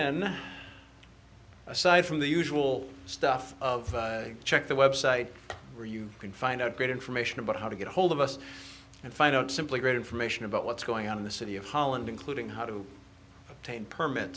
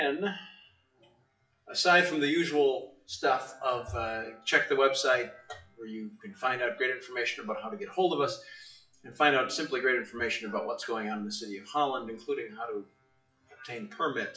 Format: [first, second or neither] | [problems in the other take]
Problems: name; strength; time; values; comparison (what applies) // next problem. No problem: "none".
first | noise reduction (classical method WPE with log-MMSE)